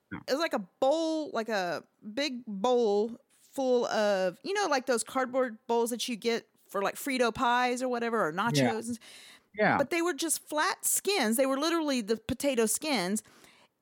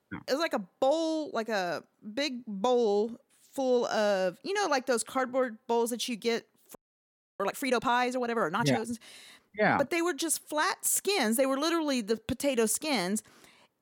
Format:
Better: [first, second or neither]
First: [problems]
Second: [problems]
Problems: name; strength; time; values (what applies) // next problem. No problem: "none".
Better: first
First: none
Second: audio freezing; at 7 s for 0.5 s